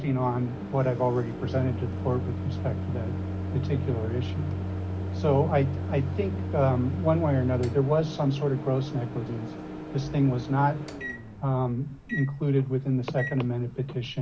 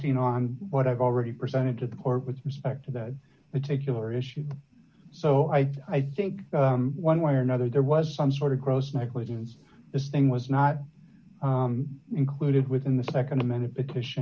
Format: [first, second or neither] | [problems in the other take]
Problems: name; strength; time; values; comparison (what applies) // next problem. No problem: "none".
second | background sound (Microwave oven); 6 dB below the speech